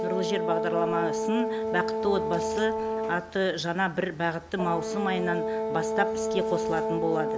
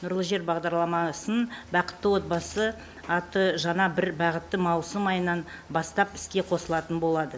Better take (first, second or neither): second